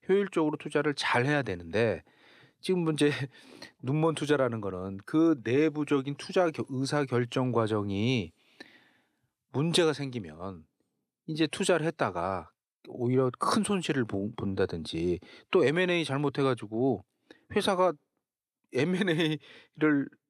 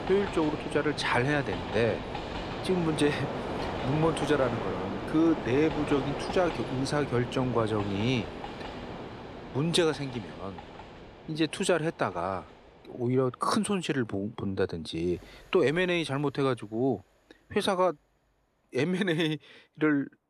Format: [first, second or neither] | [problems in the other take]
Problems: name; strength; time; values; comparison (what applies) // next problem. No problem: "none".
first | train or aircraft noise; loud; throughout; 7 dB below the speech